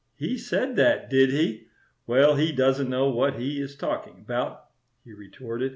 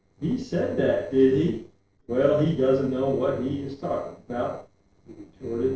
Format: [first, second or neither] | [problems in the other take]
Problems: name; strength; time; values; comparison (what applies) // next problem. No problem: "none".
first | noise reduction (neural separator model SepFormer DNS4)